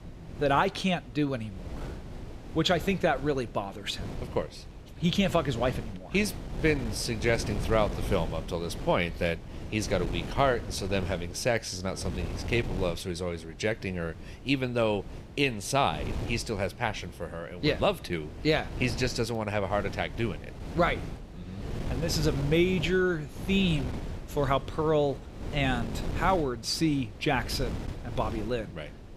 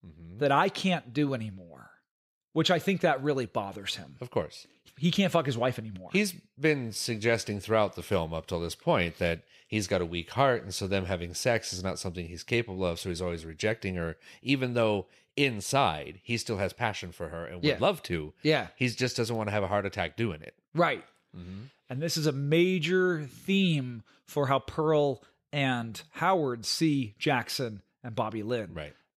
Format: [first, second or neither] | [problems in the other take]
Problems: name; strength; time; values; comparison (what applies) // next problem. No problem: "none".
second | wind noise on the microphone; occasional gusts; 15 dB below the speech